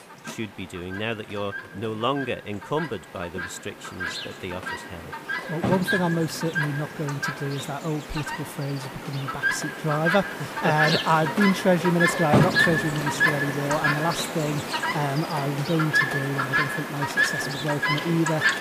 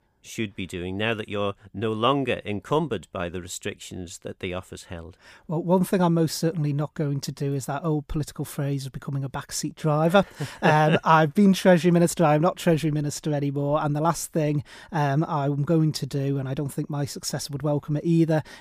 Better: second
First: animal sounds; very loud; throughout; 1 dB above the speech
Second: none

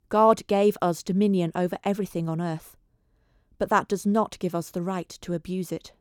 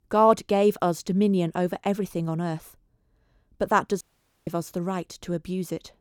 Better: first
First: none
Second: audio cutting out; at 4 s

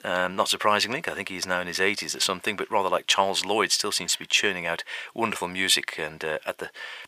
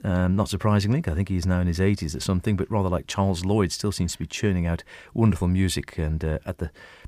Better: second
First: thin; very; fading below 650 Hz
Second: none

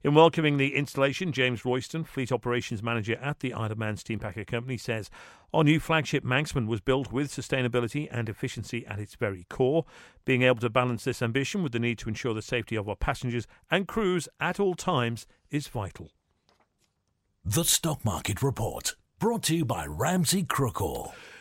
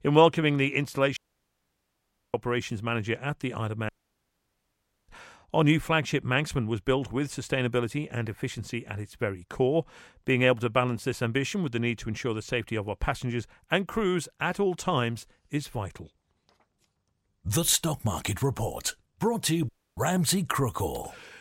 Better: first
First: none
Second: audio cutting out; at 1 s for 1 s, at 4 s for 1 s and at 20 s

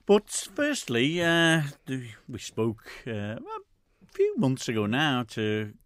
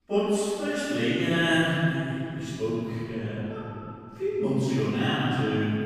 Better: first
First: none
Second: off-mic speech; far // room echo; strong; dies away in 2.9 s

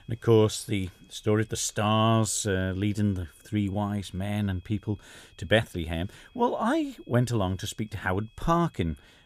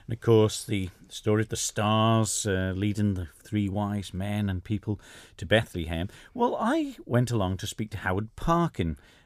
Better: second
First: high-pitched whine; faint; throughout; 3.5 kHz, 35 dB below the speech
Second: none

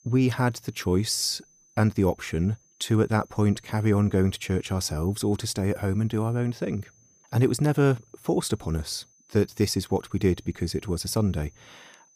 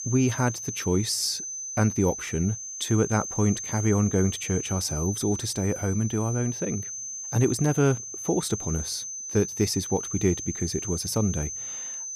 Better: first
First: high-pitched whine; faint; throughout; 6.5 kHz, 30 dB below the speech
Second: high-pitched whine; loud; throughout; 6.5 kHz, 6 dB below the speech

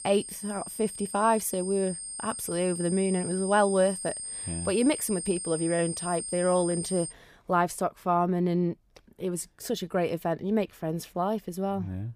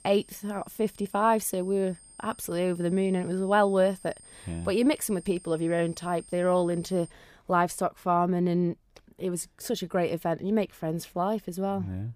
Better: second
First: high-pitched whine; loud; until 7 s; 8.5 kHz, 6 dB below the speech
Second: high-pitched whine; faint; until 7 s; 8.5 kHz, 20 dB below the speech

